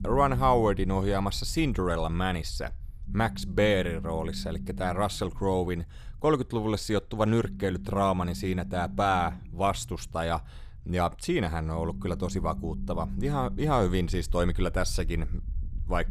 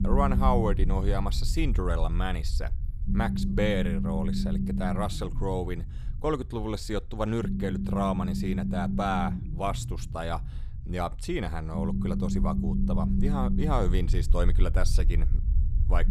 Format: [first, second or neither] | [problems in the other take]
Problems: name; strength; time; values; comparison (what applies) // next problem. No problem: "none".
first | low rumble; loud; throughout; 7 dB below the speech; faint in the first